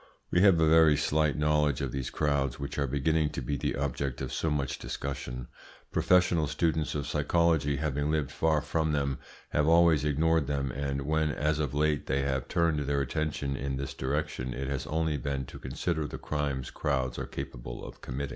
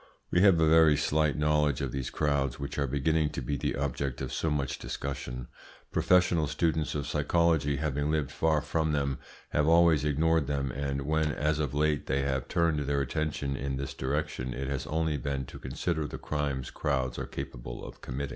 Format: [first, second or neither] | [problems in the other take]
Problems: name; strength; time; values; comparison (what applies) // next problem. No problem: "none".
first | background sound (Tools); 19 dB below the speech